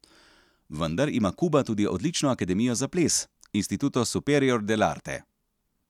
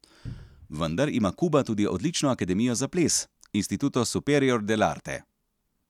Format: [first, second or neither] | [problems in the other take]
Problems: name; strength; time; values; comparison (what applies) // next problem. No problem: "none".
first | background sound (Cupboard open or close); 17 dB below the speech